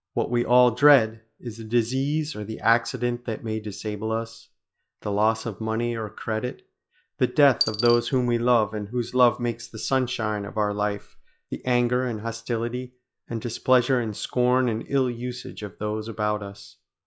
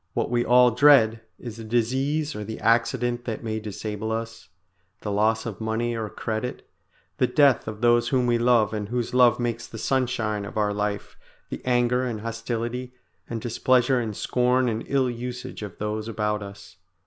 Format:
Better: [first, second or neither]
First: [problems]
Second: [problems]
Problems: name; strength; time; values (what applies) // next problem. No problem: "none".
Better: second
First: noise reduction (classical method log-MMSE)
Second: none